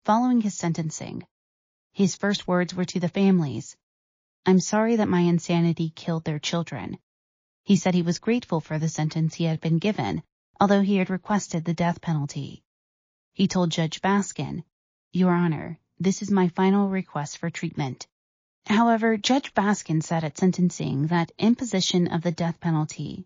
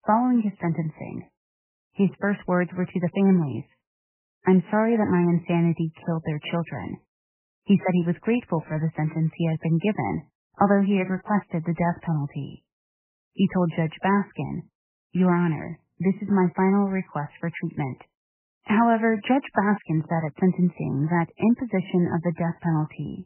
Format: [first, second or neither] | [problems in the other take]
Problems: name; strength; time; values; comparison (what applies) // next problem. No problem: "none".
first | garbled, watery; badly; nothing above 3 kHz; slightly in the first